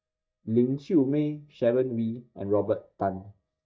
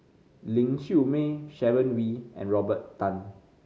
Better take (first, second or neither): second